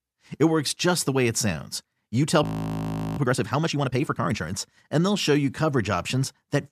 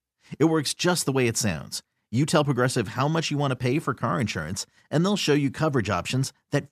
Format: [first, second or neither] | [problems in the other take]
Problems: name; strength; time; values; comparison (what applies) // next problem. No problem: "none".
second | audio freezing; at 2.5 s for 0.5 s